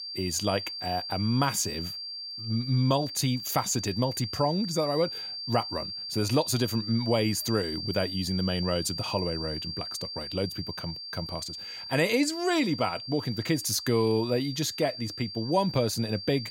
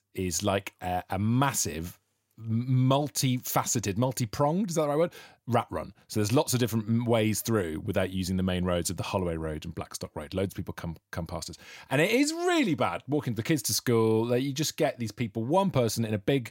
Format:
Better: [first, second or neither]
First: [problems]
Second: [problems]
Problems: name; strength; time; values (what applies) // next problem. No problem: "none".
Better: second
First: high-pitched whine; loud; throughout; 4.5 kHz, 6 dB below the speech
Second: none